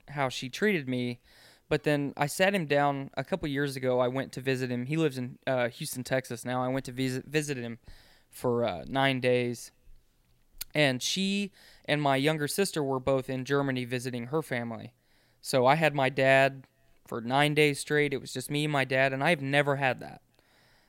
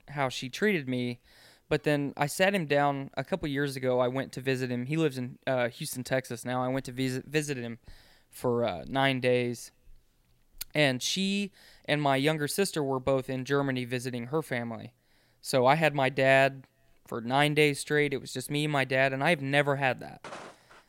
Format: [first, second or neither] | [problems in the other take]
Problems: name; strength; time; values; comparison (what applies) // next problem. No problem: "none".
first | footsteps; faint; at 20 s; peak 15 dB below the speech